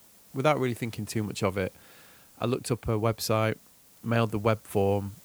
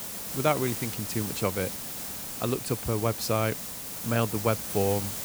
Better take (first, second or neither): first